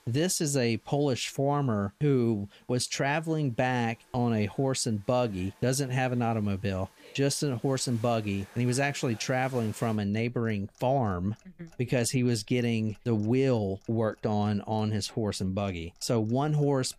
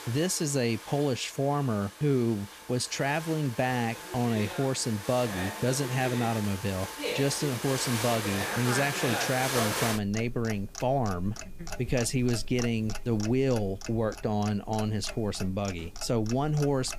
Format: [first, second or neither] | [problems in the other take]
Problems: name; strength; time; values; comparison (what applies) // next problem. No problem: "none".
first | household noises; loud; throughout; 7 dB below the speech; faint in the first